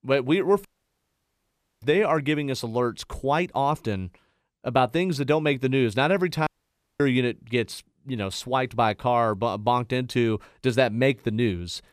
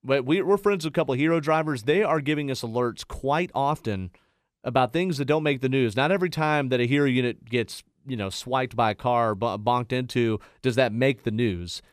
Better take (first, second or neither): second